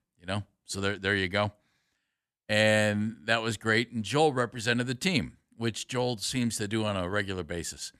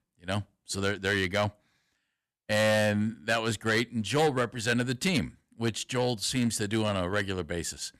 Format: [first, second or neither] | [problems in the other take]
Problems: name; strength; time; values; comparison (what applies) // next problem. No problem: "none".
first | distortion; slight; 4% of the sound clipped